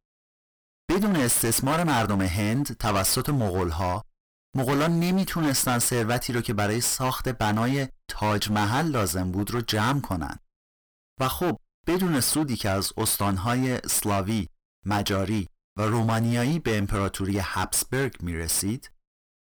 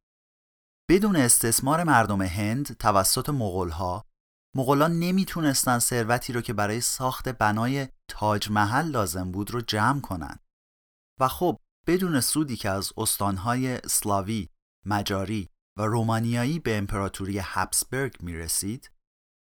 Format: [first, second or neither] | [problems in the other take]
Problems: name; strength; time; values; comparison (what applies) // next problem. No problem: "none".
second | distortion; heavy; 20% of the sound clipped